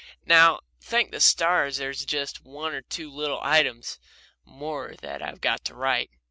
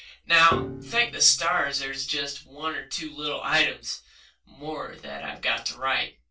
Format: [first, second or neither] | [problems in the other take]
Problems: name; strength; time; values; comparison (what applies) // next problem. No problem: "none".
first | background sound (Piano); 11 dB below the speech // room echo; dies away in 0.2 s